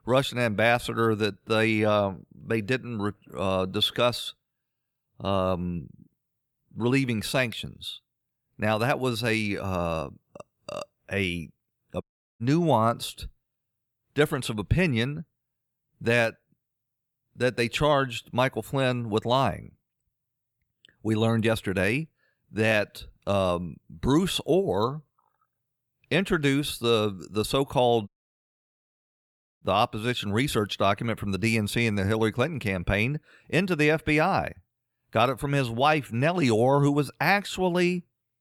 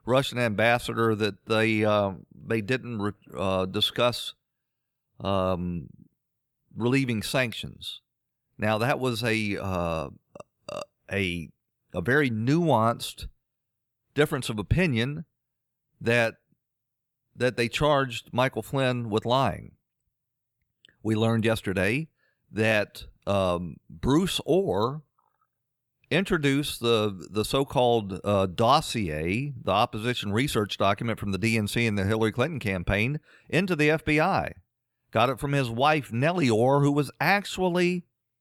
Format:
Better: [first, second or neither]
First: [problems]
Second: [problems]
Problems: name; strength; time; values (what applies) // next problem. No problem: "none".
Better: second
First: audio cutting out; at 12 s and at 28 s for 1.5 s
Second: none